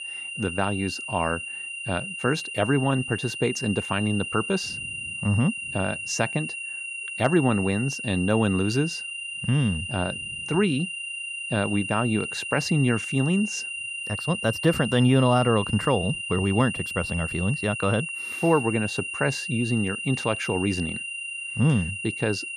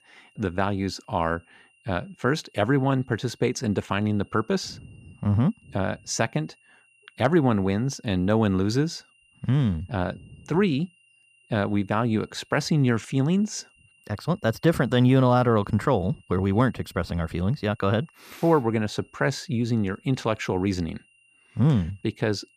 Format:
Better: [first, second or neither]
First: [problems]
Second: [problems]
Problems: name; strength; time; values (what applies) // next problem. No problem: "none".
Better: second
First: high-pitched whine; loud; throughout; 3 kHz, 5 dB below the speech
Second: high-pitched whine; faint; throughout; 3 kHz, 35 dB below the speech